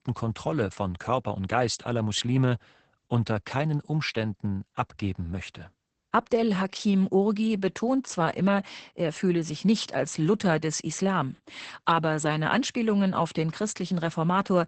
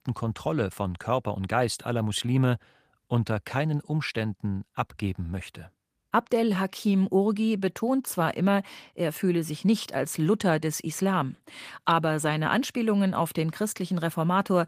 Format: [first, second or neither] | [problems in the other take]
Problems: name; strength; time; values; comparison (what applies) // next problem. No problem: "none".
second | garbled, watery; badly; nothing above 8 kHz; slightly in the second